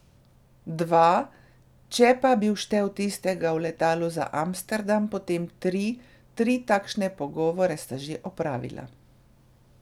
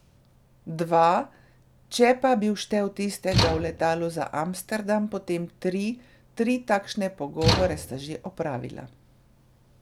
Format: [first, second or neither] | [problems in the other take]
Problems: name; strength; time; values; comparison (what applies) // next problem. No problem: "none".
first | background sound (Slam / Tools); 2 dB below the speech